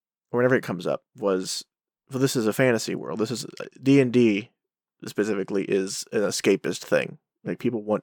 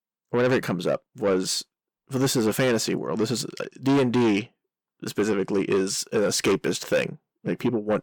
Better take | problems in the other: first | distortion; heavy; 8 dB below the speech

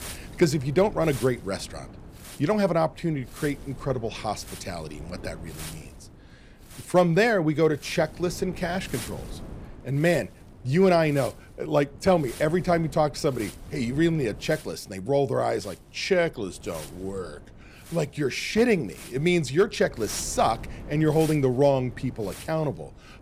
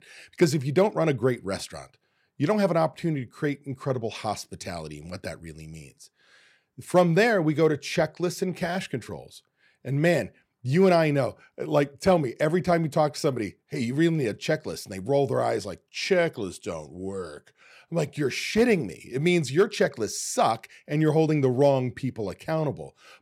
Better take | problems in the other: second | wind noise on the microphone; occasional gusts; 20 dB below the speech

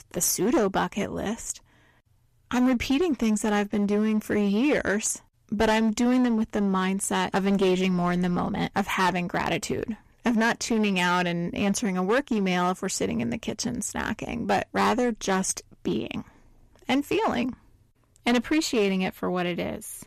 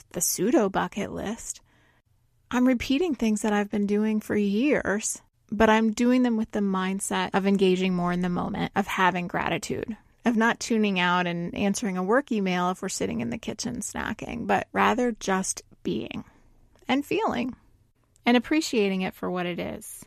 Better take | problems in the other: second | distortion; slight; 8% of the sound clipped

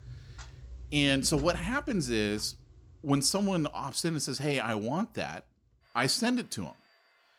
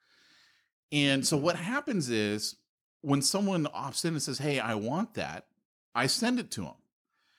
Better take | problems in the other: second | household noises; noticeable; throughout; 20 dB below the speech

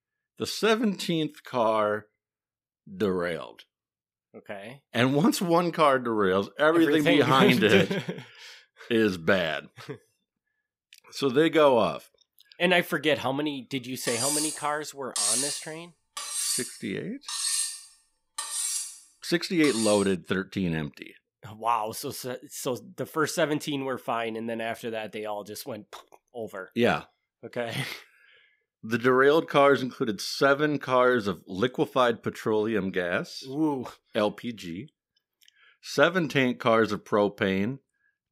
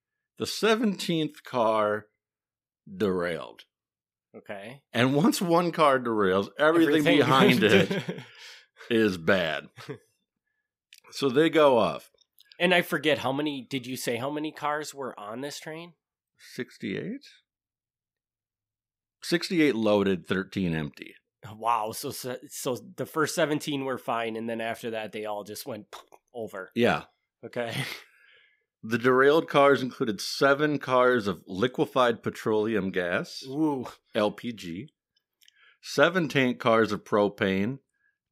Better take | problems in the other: second | clattering dishes; loud; from 14 to 20 s; peak 2 dB above the speech

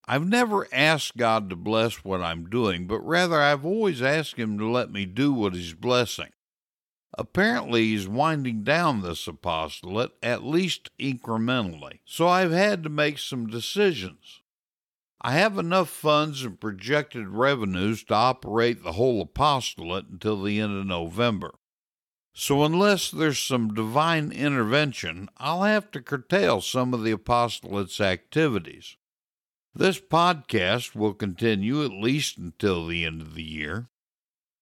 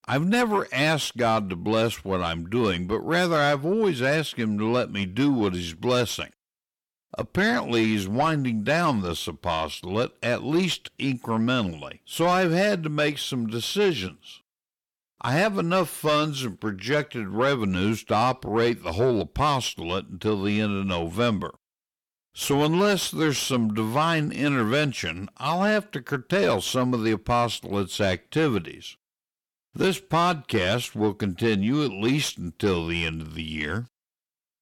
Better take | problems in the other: first | distortion; slight; 10 dB below the speech

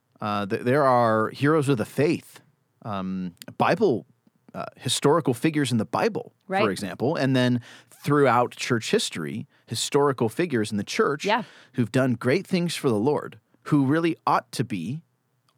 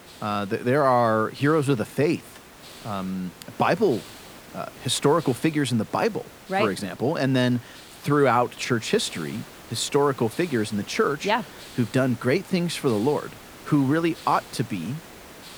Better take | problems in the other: first | hiss; noticeable; throughout; 20 dB below the speech

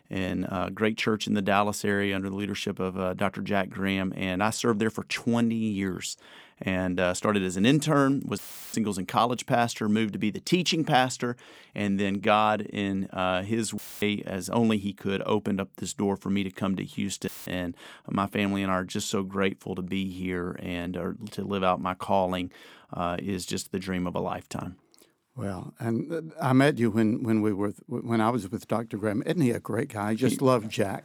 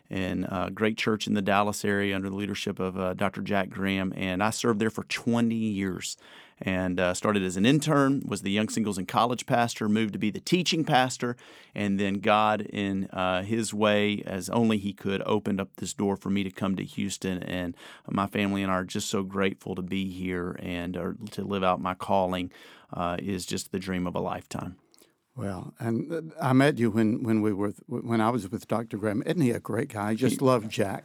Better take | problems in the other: second | audio cutting out; filled with static; at 8.5 s, at 14 s and at 17 s

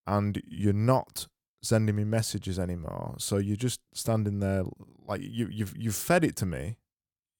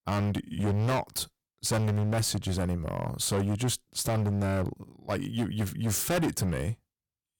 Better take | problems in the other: first | distortion; heavy; 17% of the sound clipped

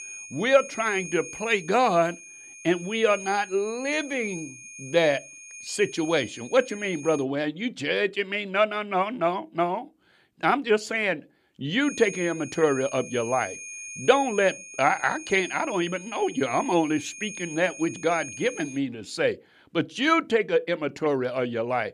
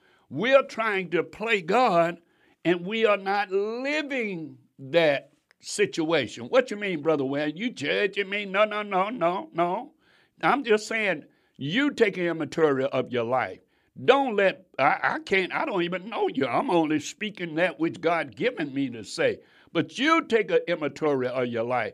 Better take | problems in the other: second | high-pitched whine; noticeable; until 7 s and from 12 to 19 s; 2.5 kHz, 15 dB below the speech

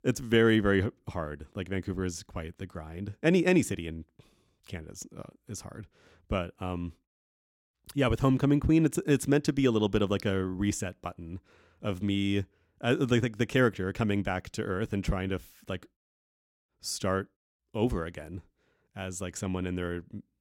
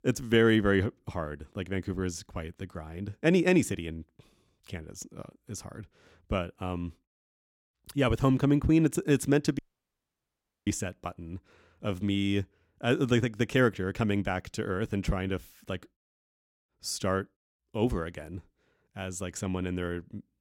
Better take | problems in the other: first | audio cutting out; at 9.5 s for 1 s

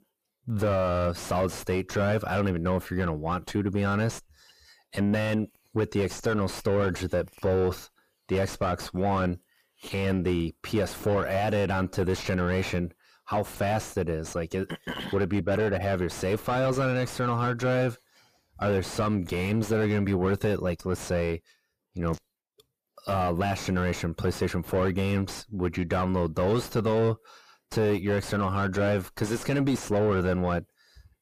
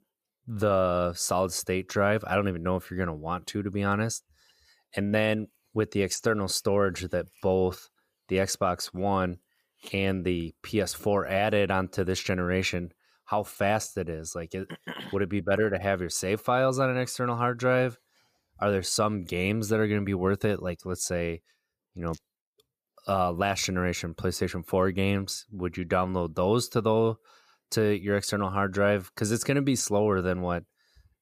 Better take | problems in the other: second | distortion; heavy; 6 dB below the speech

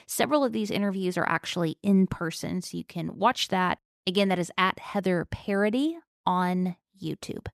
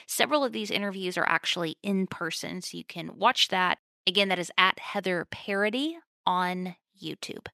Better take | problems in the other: first | thin; very slightly; fading below 350 Hz

